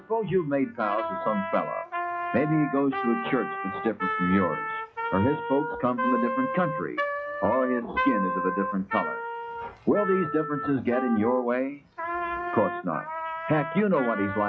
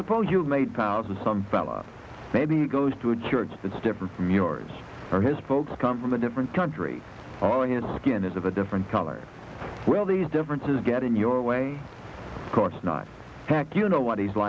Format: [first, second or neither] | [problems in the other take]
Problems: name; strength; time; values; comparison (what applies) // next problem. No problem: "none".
second | noise reduction (classical method log-MMSE)